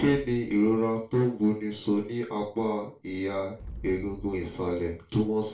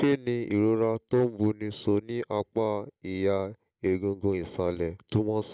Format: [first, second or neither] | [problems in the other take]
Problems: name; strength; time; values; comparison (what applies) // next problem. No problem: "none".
second | background sound (Explosion); 20 dB below the speech // room echo; dies away in 0.3 s